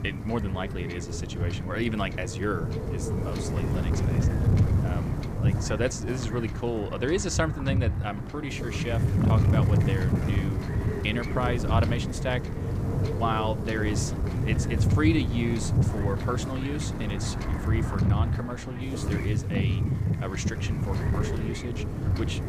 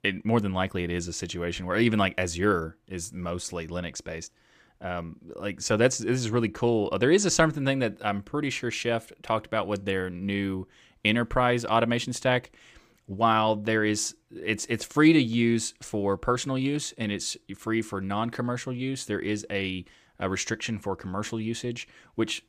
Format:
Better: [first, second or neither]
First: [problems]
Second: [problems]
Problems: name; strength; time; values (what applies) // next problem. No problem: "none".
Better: second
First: wind noise on the microphone; heavy; 4 dB below the speech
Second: none